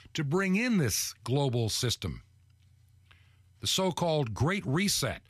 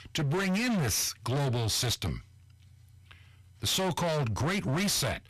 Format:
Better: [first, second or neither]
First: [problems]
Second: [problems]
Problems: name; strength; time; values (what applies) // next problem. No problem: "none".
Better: first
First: none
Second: distortion; heavy; 26% of the sound clipped